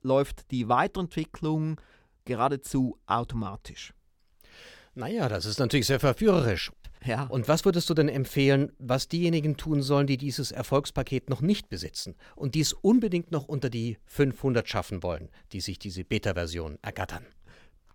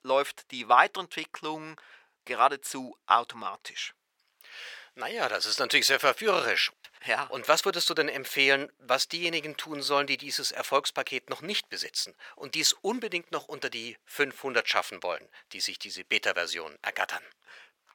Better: first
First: none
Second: thin; very; fading below 650 Hz

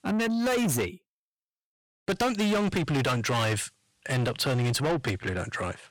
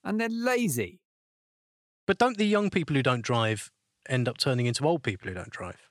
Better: second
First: distortion; heavy; 6 dB below the speech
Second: none

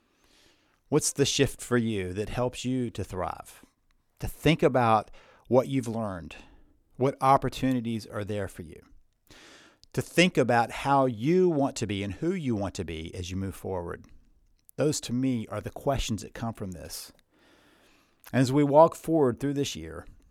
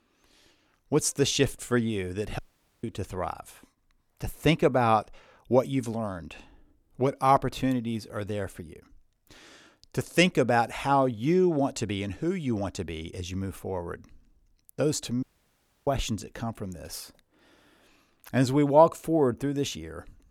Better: first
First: none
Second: audio cutting out; at 2.5 s and at 15 s for 0.5 s

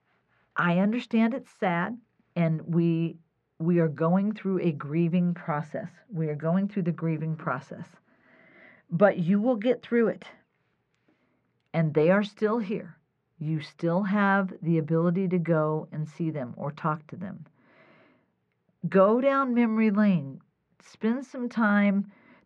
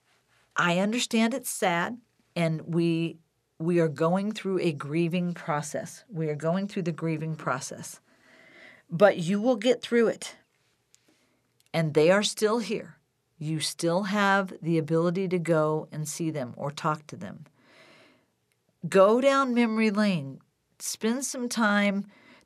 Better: second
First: muffled; very; fading above 2 kHz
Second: none

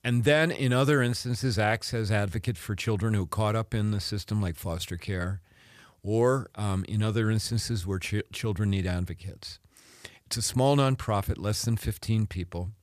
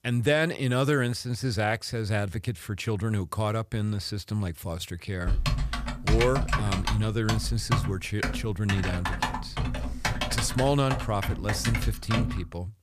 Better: first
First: none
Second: keyboard typing; loud; from 5.5 s on; peak 2 dB above the speech

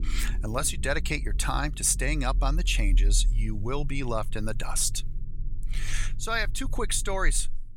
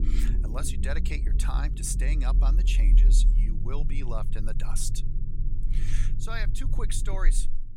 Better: first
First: low rumble; faint; throughout; 25 dB below the speech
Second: low rumble; loud; throughout; 10 dB below the speech

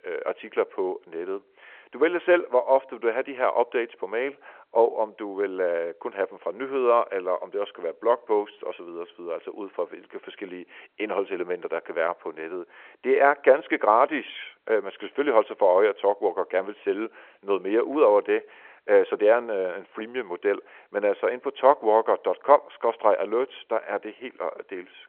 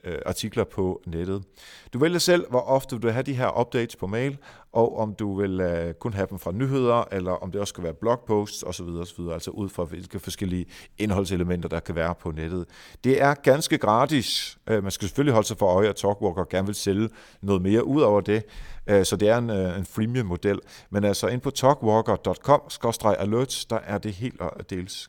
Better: second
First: phone-call audio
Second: none

